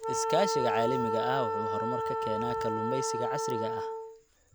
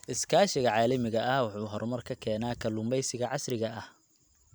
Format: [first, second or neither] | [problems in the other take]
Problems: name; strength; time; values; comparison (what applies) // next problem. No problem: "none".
second | background sound (Wind instrument, woodwind instrument); 2 dB above the speech